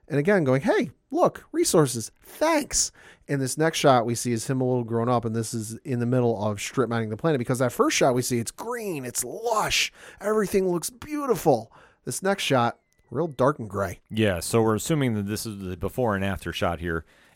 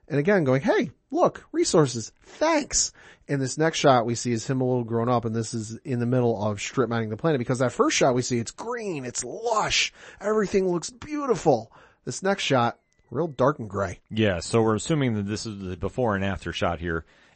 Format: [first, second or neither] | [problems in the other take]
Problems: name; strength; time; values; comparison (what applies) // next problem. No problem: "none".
first | garbled, watery; slightly; nothing above 8 kHz